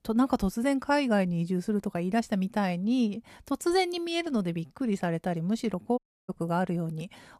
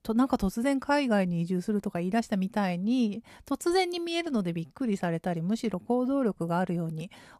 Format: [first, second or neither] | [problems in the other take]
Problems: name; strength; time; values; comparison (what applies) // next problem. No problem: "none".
second | audio cutting out; at 6 s